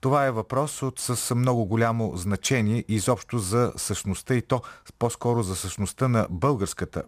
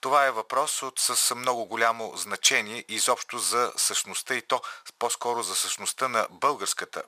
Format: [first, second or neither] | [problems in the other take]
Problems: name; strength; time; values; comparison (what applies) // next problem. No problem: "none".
first | thin; very; fading below 800 Hz